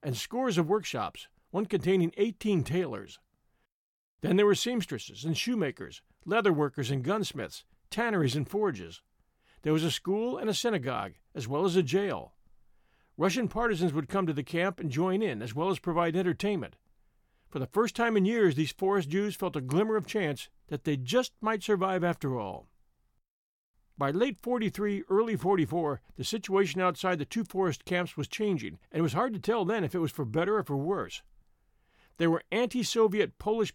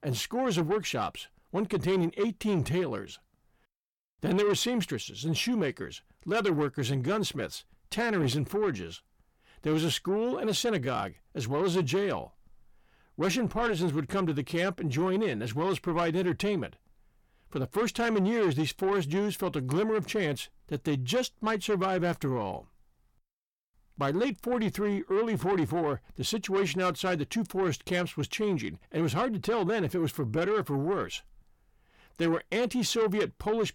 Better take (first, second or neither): first